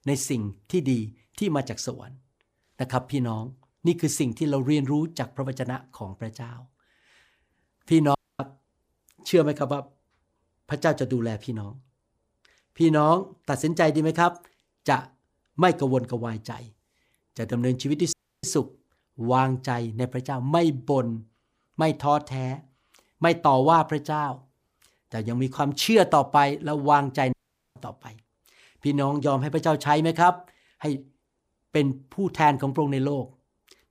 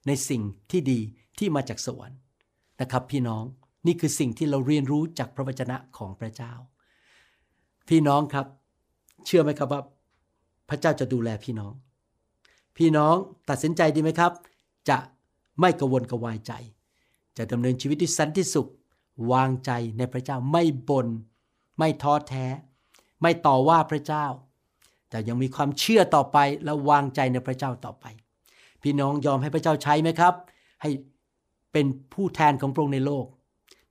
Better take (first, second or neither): second